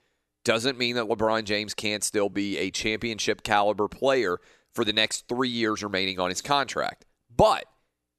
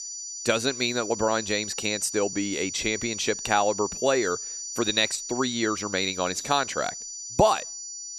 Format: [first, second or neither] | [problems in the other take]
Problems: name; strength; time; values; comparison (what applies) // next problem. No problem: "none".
first | high-pitched whine; loud; throughout; 6 kHz, 7 dB below the speech